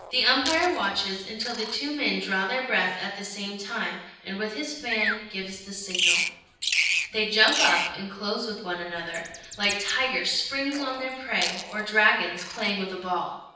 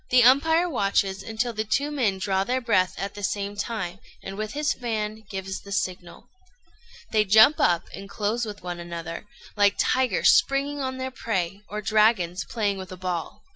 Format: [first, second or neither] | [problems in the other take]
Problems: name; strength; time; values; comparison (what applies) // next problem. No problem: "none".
second | background sound (Bird vocalization, bird call, bird song); 5 dB below the speech // room echo; dies away in 0.9 s